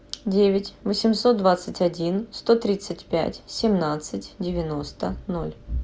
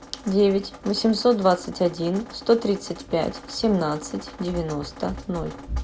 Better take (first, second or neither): first